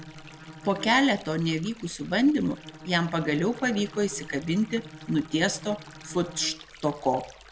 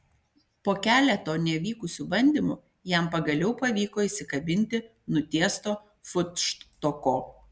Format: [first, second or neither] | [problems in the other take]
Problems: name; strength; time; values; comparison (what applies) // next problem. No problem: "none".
second | background sound (Stream + Bowed string instrument); 18 dB below the speech